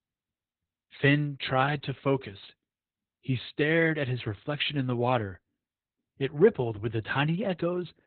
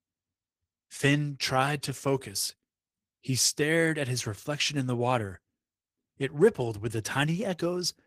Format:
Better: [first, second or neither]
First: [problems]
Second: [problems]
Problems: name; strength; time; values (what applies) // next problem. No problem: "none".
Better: second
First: garbled, watery; badly; nothing above 4 kHz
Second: garbled, watery; slightly